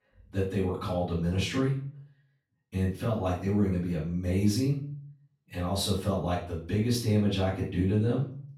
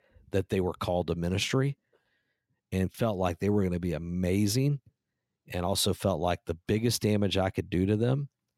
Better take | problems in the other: second | off-mic speech; far // room echo; noticeable; dies away in 0.4 s

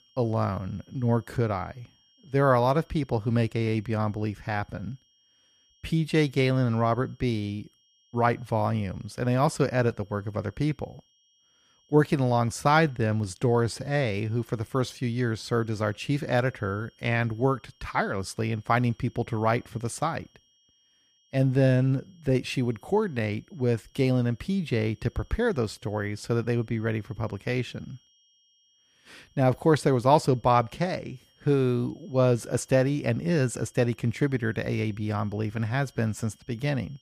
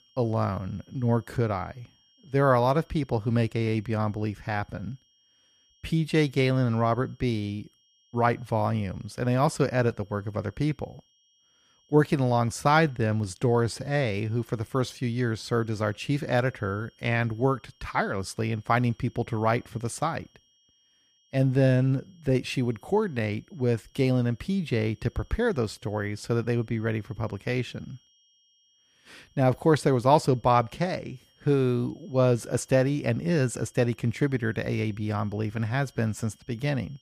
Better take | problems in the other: neither | high-pitched whine; faint; throughout; 3 kHz, 35 dB below the speech; the same in both

